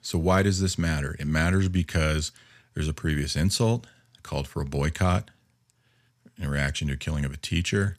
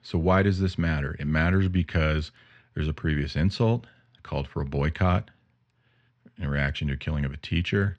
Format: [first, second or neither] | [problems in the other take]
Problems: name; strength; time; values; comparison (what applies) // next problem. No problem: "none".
first | muffled; slightly; fading above 3.5 kHz